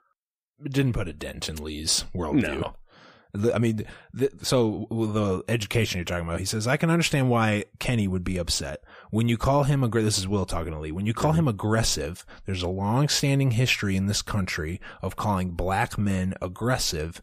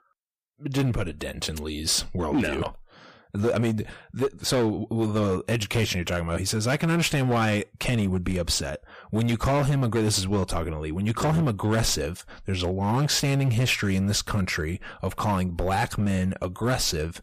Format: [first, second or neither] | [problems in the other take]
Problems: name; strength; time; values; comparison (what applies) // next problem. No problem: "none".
first | distortion; slight; 10% of the sound clipped